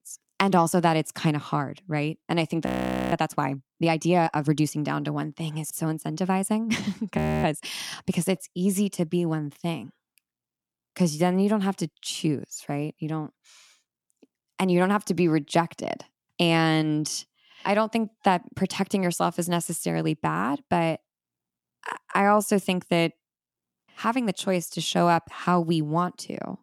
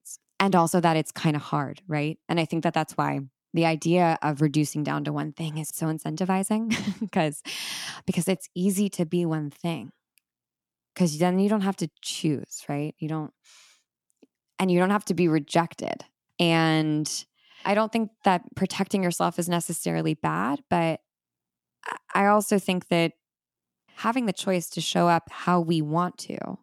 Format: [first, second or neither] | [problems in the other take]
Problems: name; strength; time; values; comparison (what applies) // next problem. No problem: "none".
second | audio freezing; at 2.5 s and at 7 s